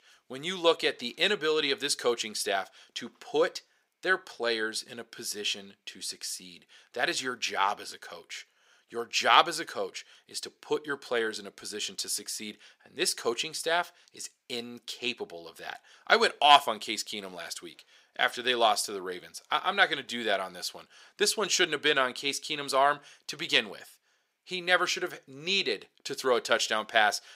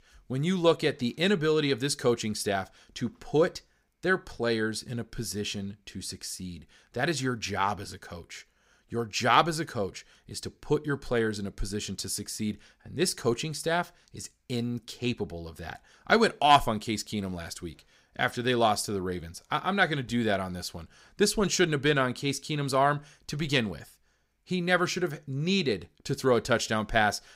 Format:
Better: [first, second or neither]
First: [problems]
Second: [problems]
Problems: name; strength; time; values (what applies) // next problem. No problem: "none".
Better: second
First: thin; somewhat; fading below 450 Hz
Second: none